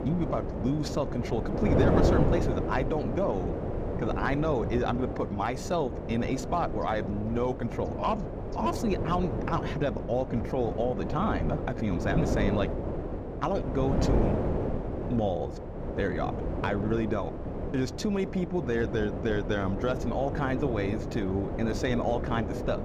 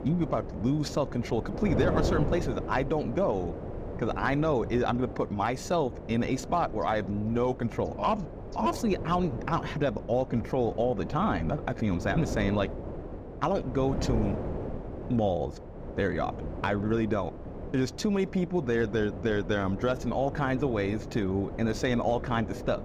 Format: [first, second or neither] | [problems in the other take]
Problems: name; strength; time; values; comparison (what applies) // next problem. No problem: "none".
second | wind noise on the microphone; heavy; 4 dB below the speech; occasional gusts in the second